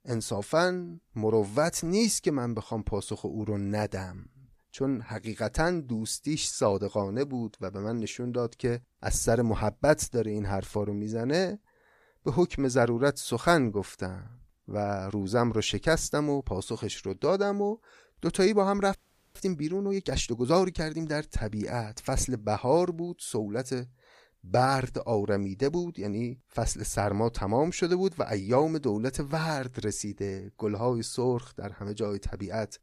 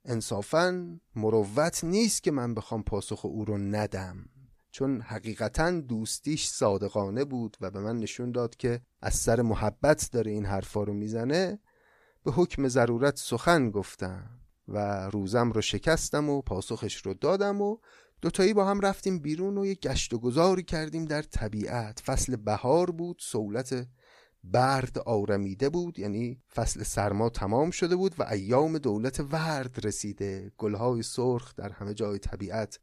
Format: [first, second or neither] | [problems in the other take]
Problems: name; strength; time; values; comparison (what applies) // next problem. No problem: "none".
second | audio freezing; at 19 s